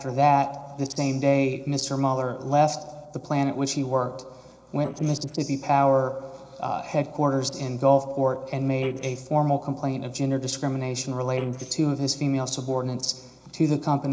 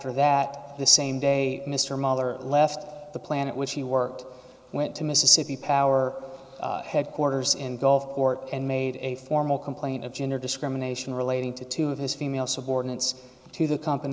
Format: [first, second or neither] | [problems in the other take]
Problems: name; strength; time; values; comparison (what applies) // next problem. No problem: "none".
second | noise reduction (neural separator model SepFormer DNS4)